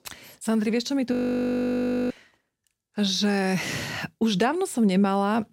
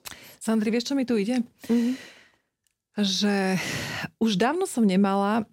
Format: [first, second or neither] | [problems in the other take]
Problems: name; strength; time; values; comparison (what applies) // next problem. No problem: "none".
second | audio freezing; at 1 s for 1 s